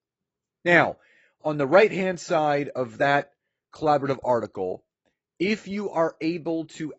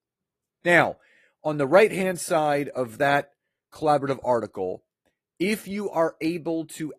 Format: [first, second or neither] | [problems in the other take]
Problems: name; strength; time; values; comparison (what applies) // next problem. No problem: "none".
second | garbled, watery; badly; nothing above 7.5 kHz; slightly in the second